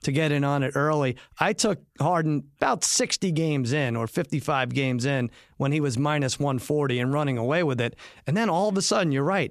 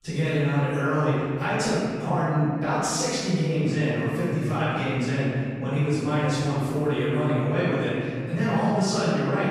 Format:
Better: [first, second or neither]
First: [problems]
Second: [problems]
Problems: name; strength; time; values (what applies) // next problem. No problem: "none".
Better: first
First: none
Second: off-mic speech; far // room echo; strong; dies away in 2.4 s